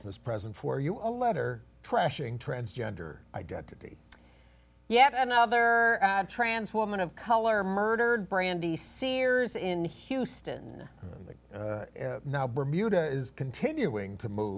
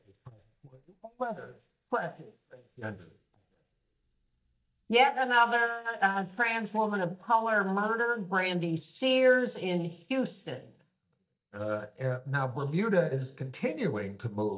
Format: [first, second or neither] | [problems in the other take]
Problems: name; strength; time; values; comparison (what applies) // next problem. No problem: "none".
first | noise reduction (neural mask model DeepFilterNet 3)